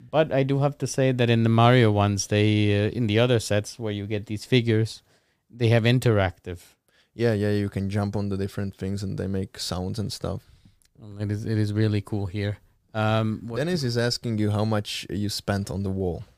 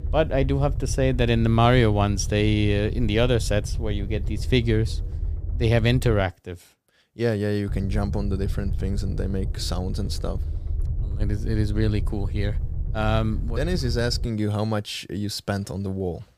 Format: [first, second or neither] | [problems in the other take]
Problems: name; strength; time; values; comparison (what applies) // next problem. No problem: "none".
first | low rumble; noticeable; until 6 s and from 7.5 to 14 s; 20 dB below the speech